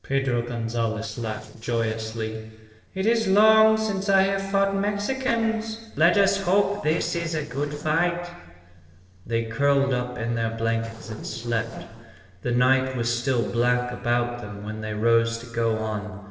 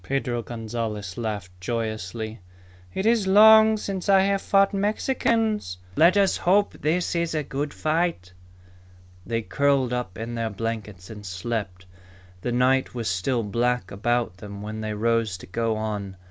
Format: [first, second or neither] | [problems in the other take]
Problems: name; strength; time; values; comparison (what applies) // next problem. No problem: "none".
second | noise reduction (neural separator model SepFormer DNS4)